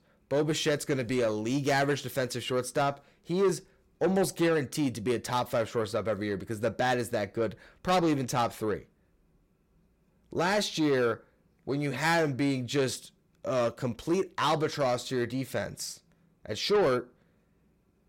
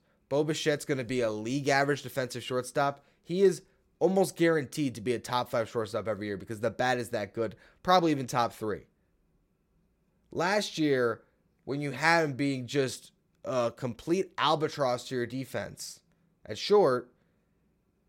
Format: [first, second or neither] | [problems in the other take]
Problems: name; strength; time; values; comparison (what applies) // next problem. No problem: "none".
second | distortion; slight; 10 dB below the speech